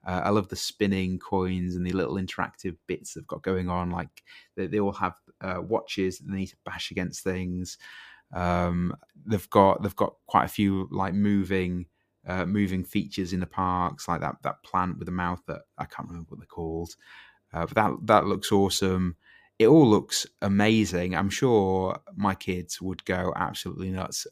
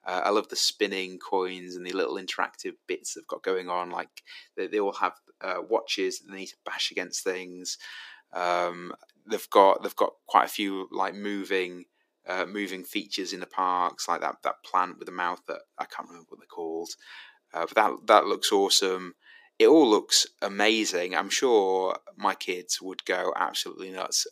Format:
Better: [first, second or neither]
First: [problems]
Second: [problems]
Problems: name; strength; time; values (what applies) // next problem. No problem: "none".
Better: first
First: none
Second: thin; somewhat; fading below 300 Hz